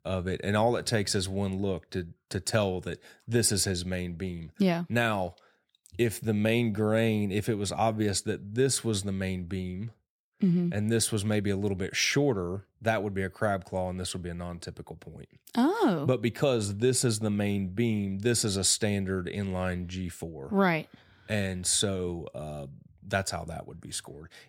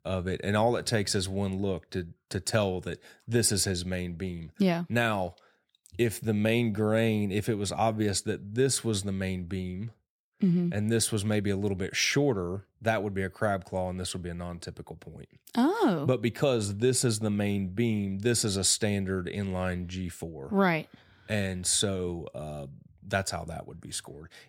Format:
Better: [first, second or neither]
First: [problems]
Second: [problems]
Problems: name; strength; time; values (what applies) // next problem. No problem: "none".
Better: neither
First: none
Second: none